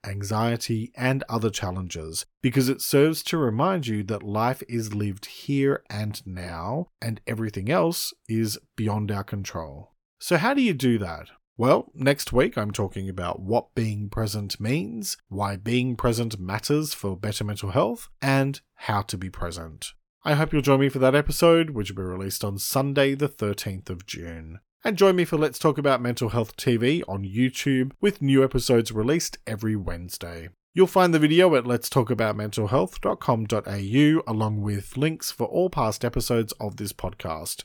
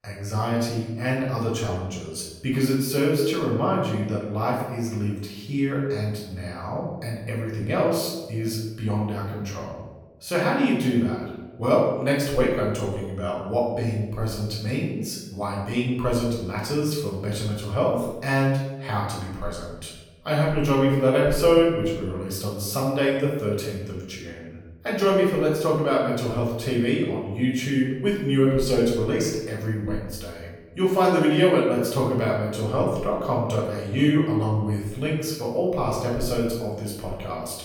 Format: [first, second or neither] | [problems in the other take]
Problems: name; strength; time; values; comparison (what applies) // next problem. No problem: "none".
first | off-mic speech; far // room echo; noticeable; dies away in 0.9 s